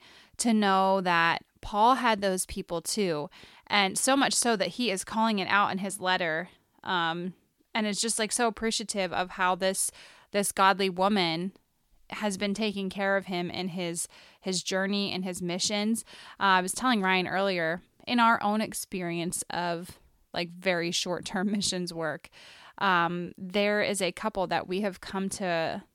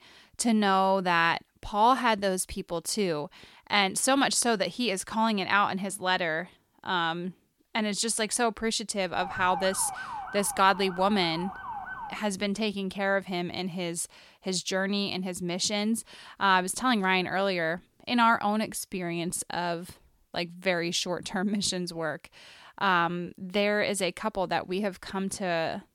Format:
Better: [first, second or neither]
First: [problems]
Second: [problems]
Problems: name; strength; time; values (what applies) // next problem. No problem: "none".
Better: first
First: none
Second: siren; noticeable; from 9 to 12 s; peak 7 dB below the speech